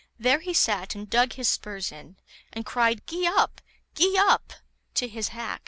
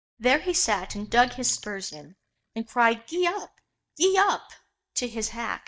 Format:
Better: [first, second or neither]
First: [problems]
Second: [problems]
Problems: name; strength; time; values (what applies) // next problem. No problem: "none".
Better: first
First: none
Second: noise reduction (neural mask model DeepFilterNet 3)